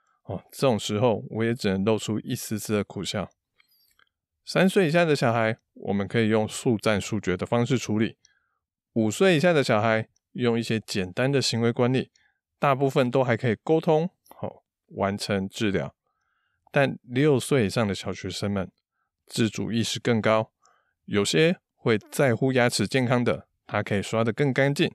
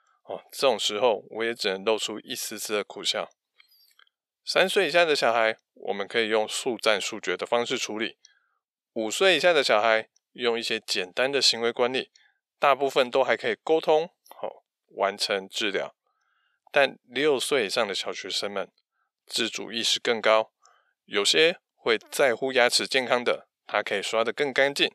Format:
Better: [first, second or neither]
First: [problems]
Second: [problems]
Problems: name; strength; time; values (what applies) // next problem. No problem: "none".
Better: first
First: none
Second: thin; very; fading below 500 Hz